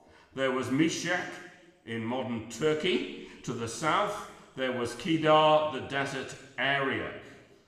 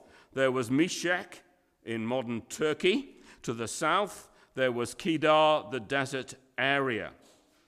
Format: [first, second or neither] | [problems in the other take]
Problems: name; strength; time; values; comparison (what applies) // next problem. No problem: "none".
second | room echo; noticeable; dies away in 1.1 s // off-mic speech; somewhat distant